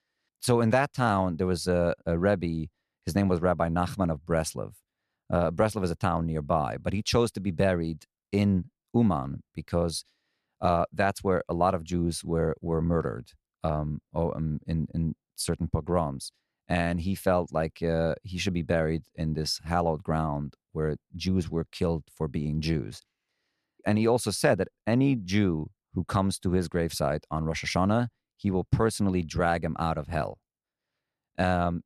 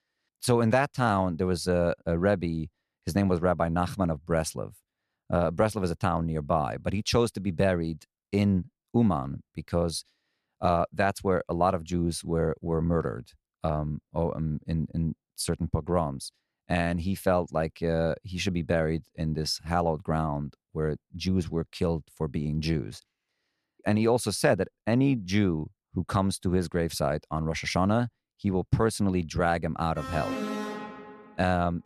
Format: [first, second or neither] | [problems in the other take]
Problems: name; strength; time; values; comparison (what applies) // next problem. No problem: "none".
first | alarm; noticeable; from 30 to 31 s; peak 4 dB below the speech